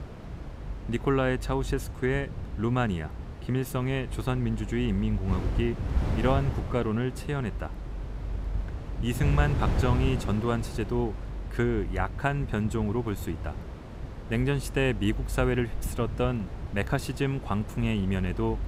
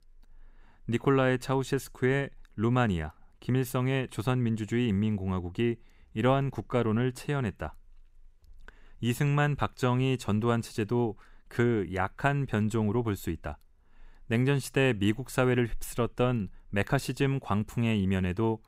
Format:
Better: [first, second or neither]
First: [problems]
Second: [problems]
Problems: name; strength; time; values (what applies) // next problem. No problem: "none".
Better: second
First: wind noise on the microphone; occasional gusts; 10 dB below the speech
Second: none